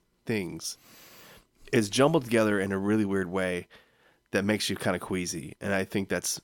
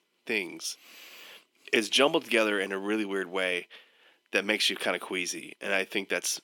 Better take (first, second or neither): first